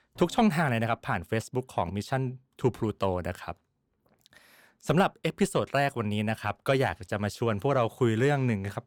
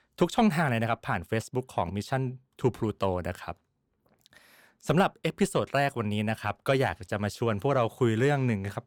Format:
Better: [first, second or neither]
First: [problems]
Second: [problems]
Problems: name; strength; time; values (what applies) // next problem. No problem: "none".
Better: second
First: background music; faint; until 3.5 s; 25 dB below the speech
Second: none